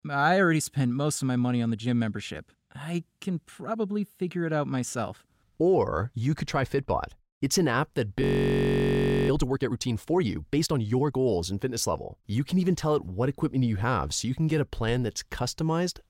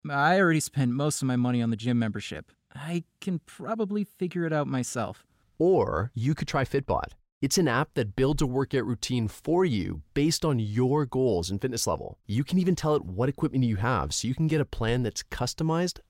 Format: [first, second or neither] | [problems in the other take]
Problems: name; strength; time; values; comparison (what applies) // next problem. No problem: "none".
second | audio freezing; at 8 s for 1 s